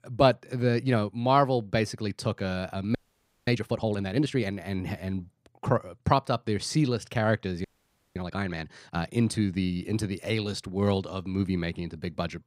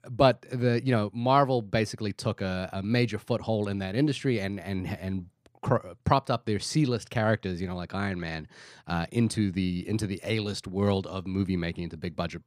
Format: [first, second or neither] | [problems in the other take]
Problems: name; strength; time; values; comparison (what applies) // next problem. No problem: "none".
second | audio freezing; at 3 s for 0.5 s and at 7.5 s for 0.5 s